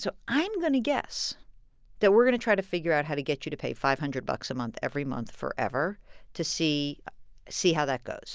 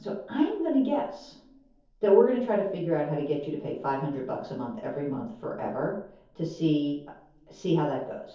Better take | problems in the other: first | room echo; dies away in 0.6 s

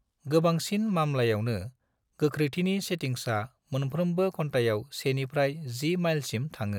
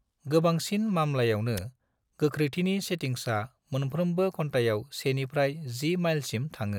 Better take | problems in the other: first | background sound (Tick); 20 dB below the speech

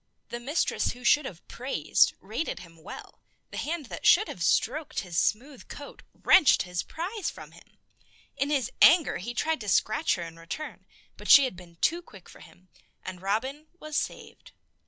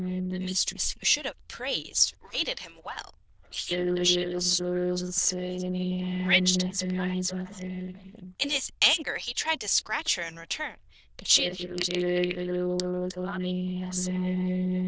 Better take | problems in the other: first | noise reduction (neural diffusion model UNIVERSE++)

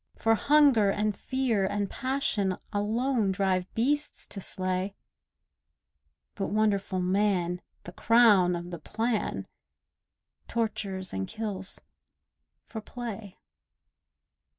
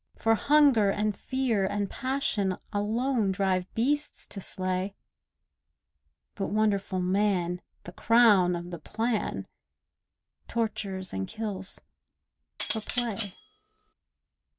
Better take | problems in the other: first | background sound (Cutlery, silverware); 9 dB below the speech

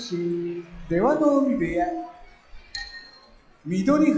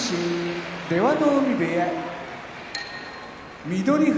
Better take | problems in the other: second | noise reduction (classical method log-MMSE)

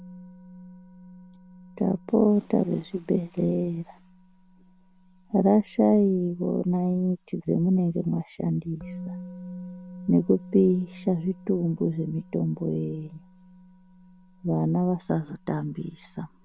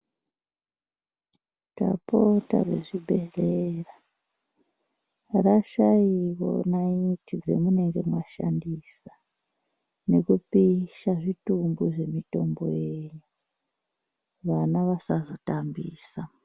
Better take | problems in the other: second | background sound (Musical instrument); 19 dB below the speech

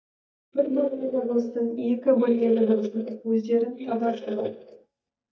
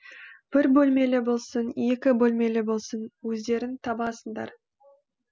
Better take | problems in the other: second | noise reduction (neural mask model DeepFilterNet 3)

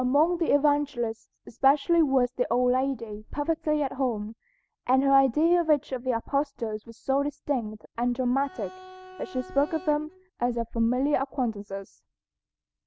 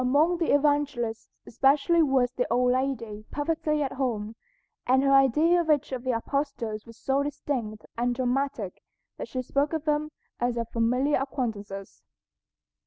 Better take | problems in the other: second | background sound (Bowed string instrument); 18 dB below the speech

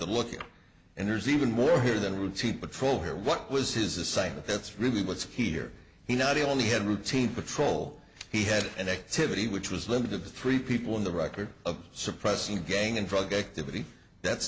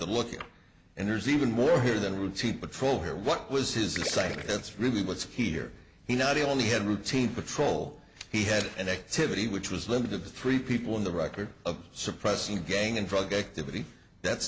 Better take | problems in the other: first | background sound (Gurgling); 12 dB below the speech

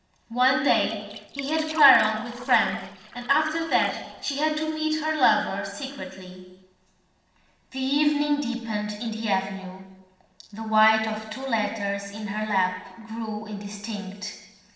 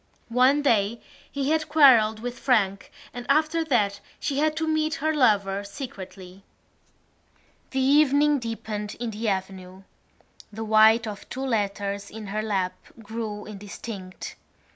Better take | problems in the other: second | noise reduction (neural separator model SepFormer DNS4)

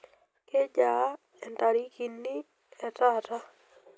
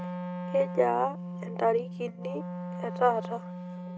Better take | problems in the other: first | noise reduction (neural mask model RNNoise)

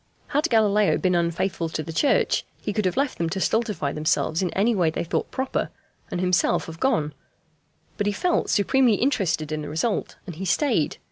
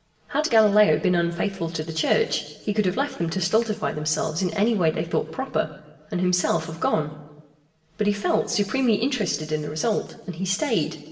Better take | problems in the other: first | room echo; dies away in 1 s

